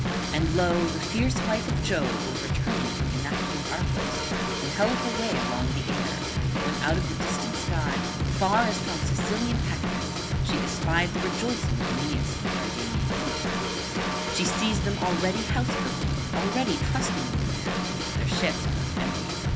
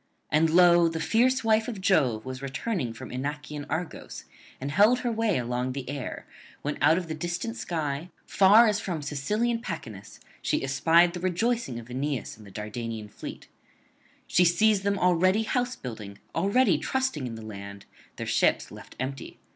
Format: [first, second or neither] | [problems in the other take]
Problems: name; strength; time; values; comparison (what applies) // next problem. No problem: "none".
second | background sound (Drum / Drum kit); 4 dB above the speech